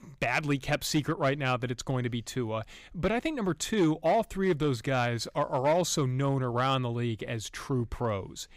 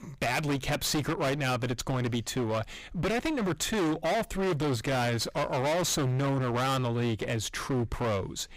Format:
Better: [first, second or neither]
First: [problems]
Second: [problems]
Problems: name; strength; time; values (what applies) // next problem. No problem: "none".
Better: first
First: none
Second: distortion; heavy; 32% of the sound clipped